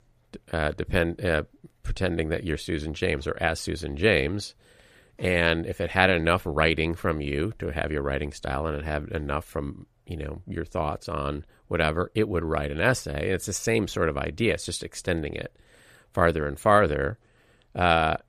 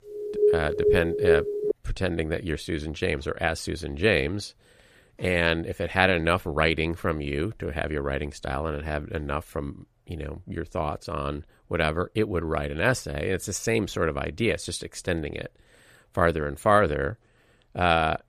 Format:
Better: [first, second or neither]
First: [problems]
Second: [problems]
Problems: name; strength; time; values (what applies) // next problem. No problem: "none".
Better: first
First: none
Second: alarm; loud; until 1.5 s; peak 4 dB above the speech